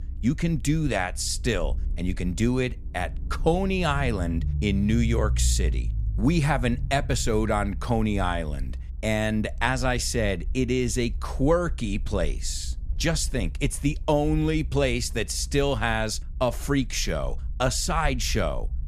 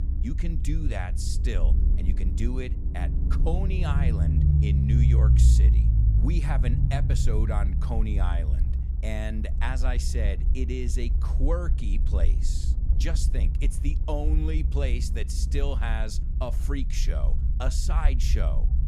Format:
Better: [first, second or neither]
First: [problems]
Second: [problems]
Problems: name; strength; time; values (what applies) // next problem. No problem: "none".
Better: first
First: low rumble; faint; throughout; 25 dB below the speech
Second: low rumble; loud; throughout; 5 dB below the speech